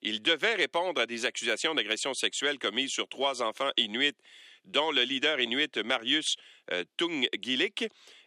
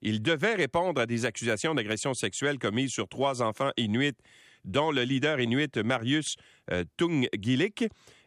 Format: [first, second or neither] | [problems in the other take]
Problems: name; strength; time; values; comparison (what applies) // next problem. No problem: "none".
second | thin; somewhat; fading below 300 Hz